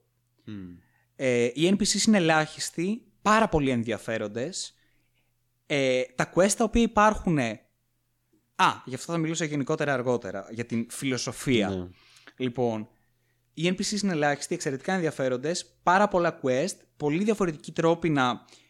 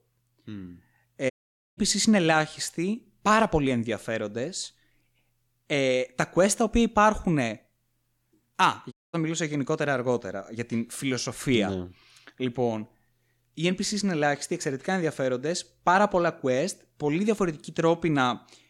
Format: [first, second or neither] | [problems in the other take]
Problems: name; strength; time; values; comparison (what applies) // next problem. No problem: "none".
first | audio cutting out; at 1.5 s and at 9 s